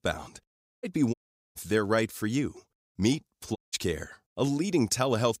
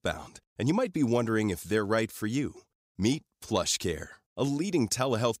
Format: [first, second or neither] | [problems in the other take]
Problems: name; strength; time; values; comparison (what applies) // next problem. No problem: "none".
second | audio cutting out; at 0.5 s, at 1 s and at 3.5 s